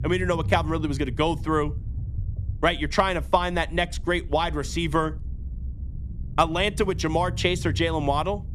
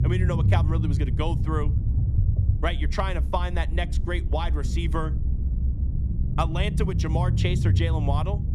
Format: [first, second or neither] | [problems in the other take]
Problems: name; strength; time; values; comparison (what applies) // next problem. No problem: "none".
first | low rumble; loud; throughout; 8 dB below the speech; faint in the first